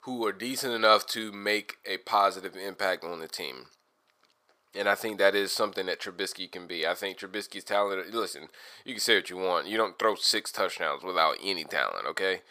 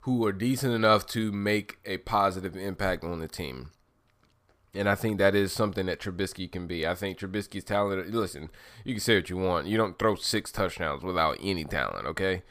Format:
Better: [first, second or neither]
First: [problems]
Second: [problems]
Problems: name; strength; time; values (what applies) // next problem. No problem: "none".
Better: second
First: thin; somewhat; fading below 450 Hz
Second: none